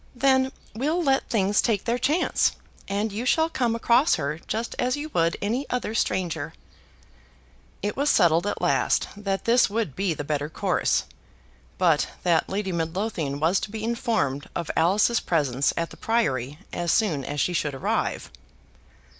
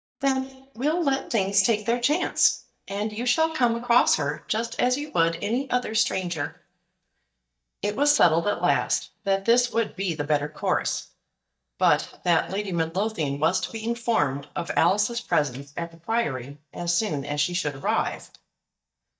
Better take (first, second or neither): first